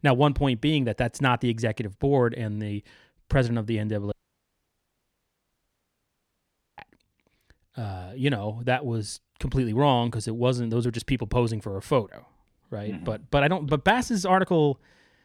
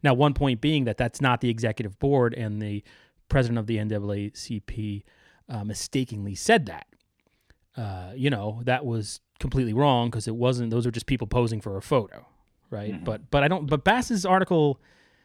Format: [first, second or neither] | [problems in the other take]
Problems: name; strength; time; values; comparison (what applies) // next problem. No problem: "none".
second | audio cutting out; at 4 s for 2.5 s